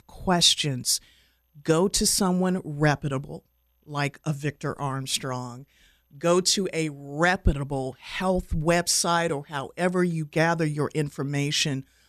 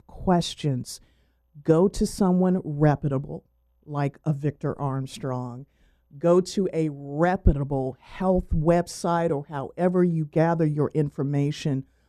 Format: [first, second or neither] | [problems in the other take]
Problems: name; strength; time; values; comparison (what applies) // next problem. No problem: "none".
first | muffled; slightly; fading above 1.5 kHz